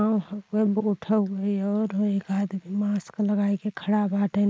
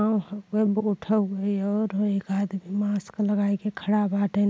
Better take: second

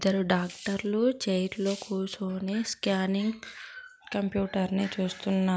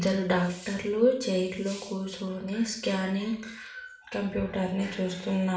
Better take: first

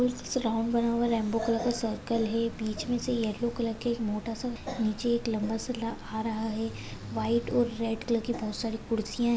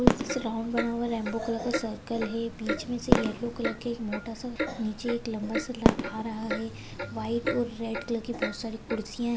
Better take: first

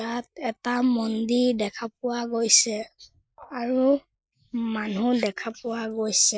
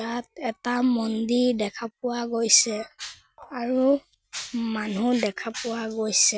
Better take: second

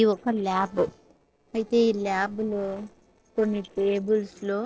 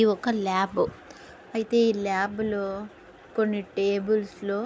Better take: second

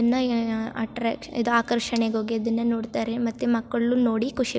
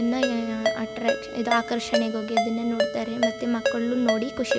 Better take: first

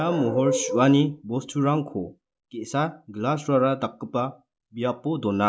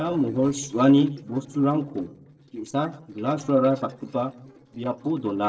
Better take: first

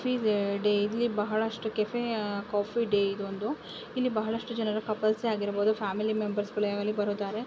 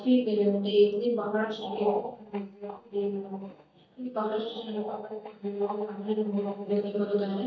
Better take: first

